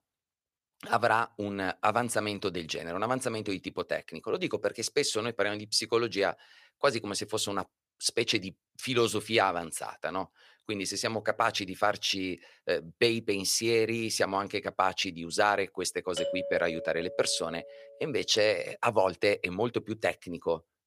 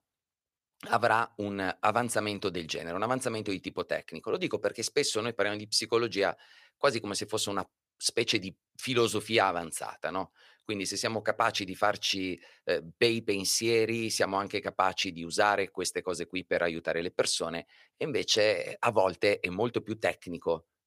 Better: second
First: doorbell; noticeable; from 16 to 18 s; peak 4 dB below the speech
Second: none

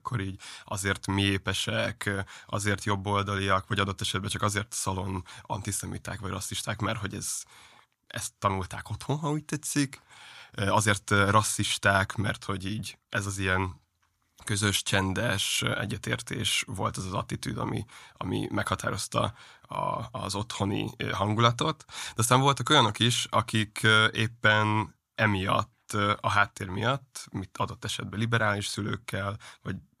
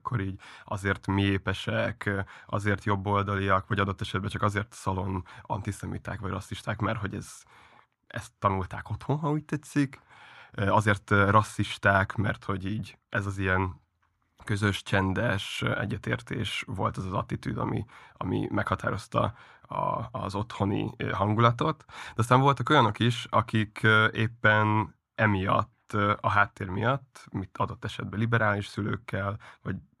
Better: first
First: none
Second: muffled; slightly; fading above 3 kHz

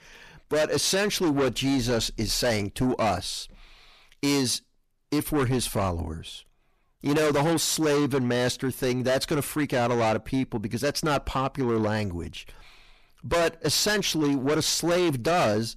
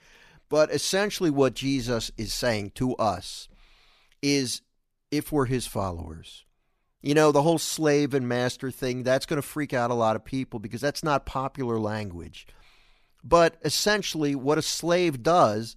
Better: second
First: distortion; heavy; 6 dB below the speech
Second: none

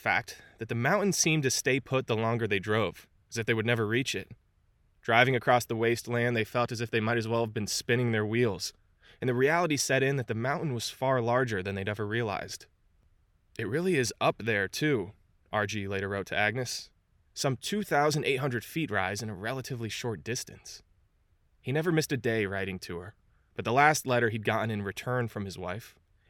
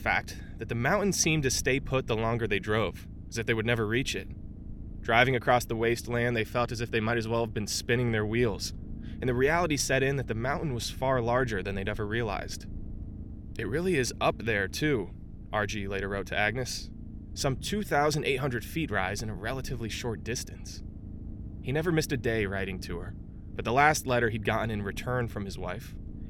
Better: first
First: none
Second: low rumble; faint; throughout; 25 dB below the speech

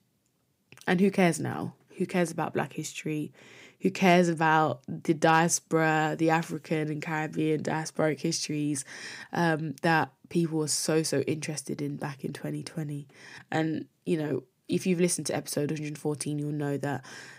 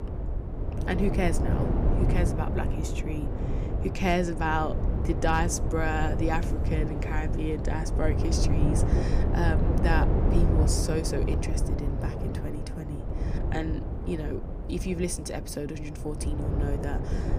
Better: first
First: none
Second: wind noise on the microphone; heavy; 4 dB below the speech

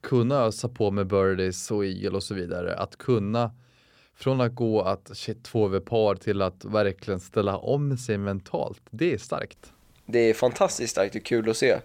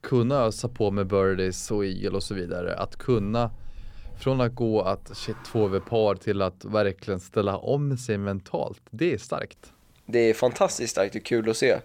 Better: first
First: none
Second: household noises; faint; until 5.5 s; 25 dB below the speech

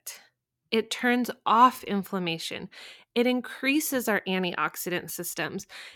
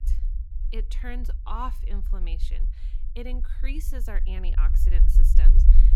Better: first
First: none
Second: low rumble; loud; throughout; 10 dB below the speech

